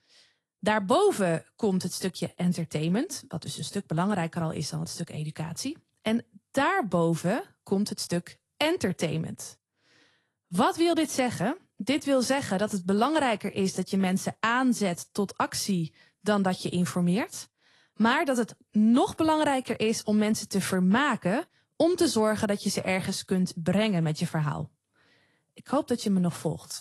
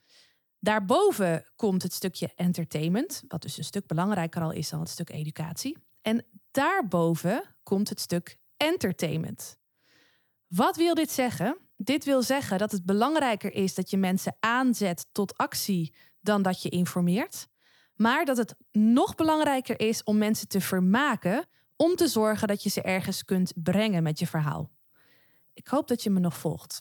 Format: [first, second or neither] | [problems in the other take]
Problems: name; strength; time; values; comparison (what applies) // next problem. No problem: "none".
second | garbled, watery; slightly; nothing above 12 kHz